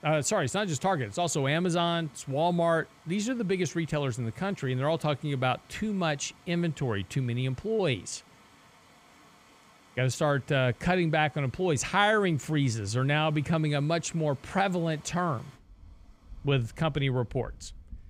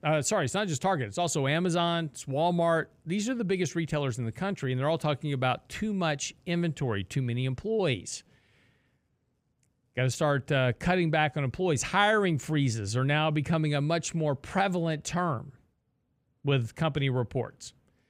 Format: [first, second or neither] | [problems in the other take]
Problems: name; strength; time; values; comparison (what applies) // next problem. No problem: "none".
second | rain or running water; faint; throughout; 25 dB below the speech